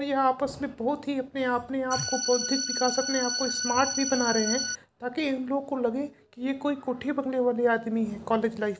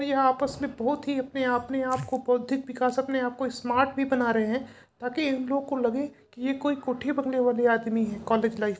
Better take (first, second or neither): second